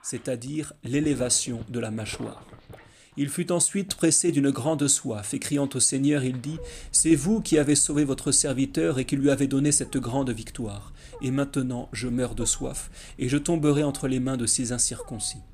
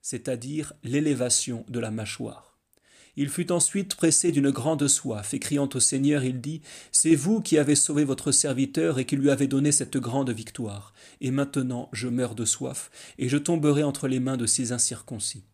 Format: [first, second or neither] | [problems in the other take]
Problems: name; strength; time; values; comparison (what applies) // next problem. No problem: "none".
second | animal sounds; faint; throughout; 25 dB below the speech